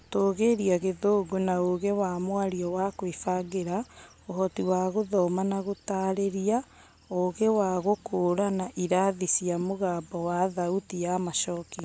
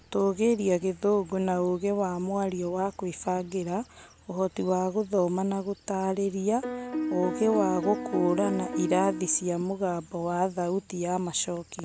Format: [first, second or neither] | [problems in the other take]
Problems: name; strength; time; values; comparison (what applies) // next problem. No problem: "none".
first | background sound (Piano); 4 dB below the speech